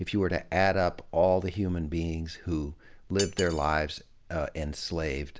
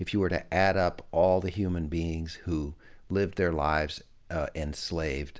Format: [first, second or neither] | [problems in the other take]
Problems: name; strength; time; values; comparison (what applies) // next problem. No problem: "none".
second | background sound (Cutlery, silverware); 14 dB below the speech